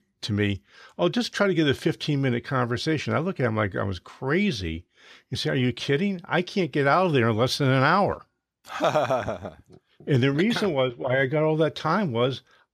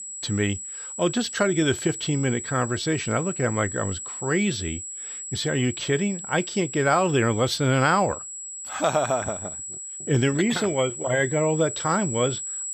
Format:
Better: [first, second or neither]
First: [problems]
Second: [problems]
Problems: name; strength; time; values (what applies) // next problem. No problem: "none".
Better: first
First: none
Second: high-pitched whine; loud; throughout; 8 kHz, 8 dB below the speech